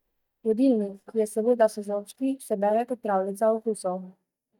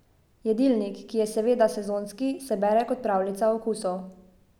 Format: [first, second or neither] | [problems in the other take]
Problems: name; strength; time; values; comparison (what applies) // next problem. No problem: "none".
second | noise reduction (neural mask model DeepFilterNet 3)